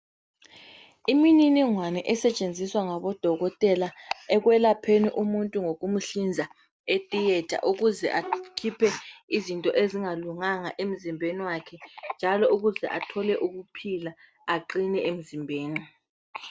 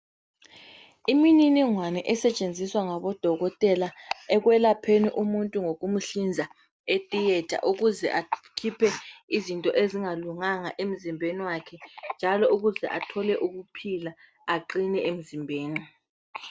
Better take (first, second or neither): second